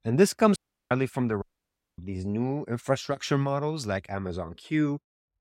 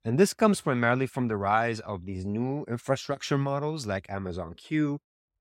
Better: second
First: audio cutting out; at 0.5 s and at 1.5 s for 0.5 s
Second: none

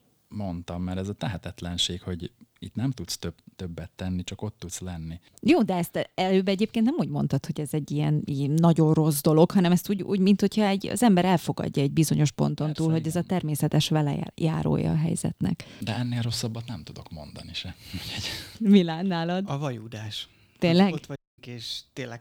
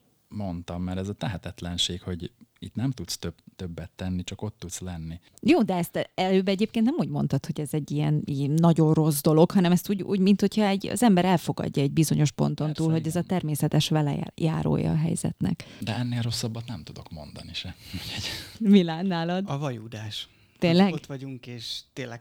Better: second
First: audio cutting out; at 21 s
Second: none

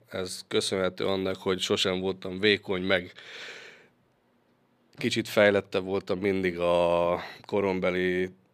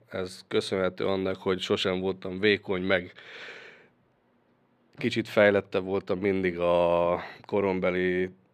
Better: first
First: none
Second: muffled; very slightly; fading above 4 kHz

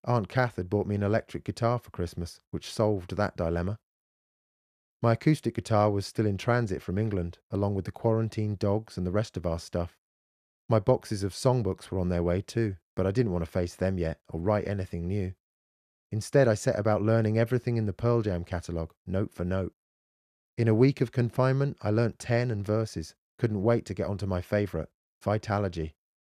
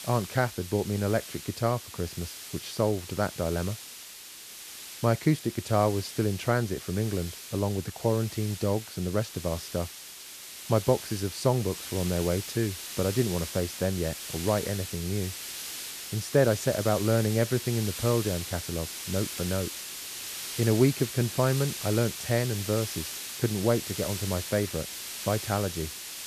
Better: first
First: none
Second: hiss; loud; throughout; 8 dB below the speech

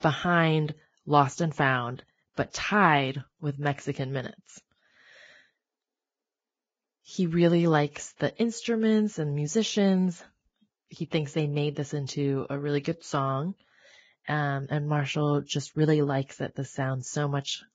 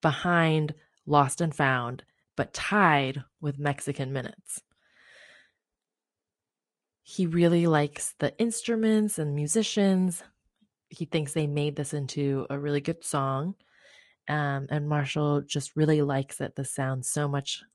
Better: second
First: garbled, watery; badly; nothing above 7.5 kHz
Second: garbled, watery; slightly; nothing above 11.5 kHz

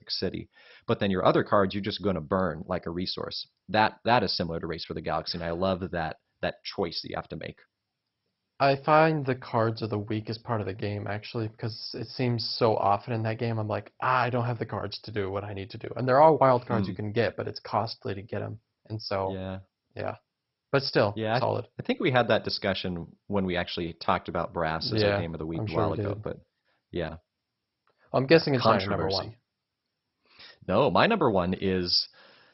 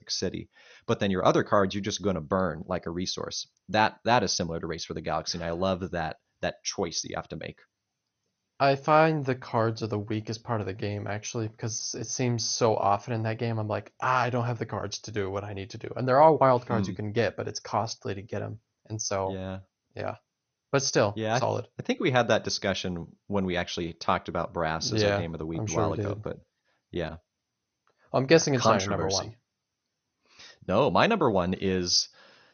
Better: second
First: garbled, watery; badly; nothing above 5.5 kHz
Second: garbled, watery; slightly; nothing above 6.5 kHz

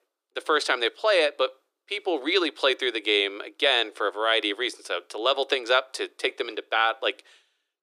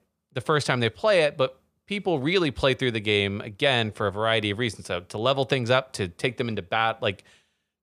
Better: second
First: thin; very; fading below 300 Hz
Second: none

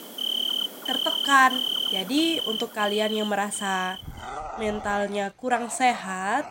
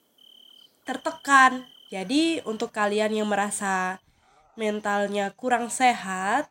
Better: second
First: animal sounds; loud; throughout; 3 dB below the speech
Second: animal sounds; faint; throughout; 30 dB below the speech

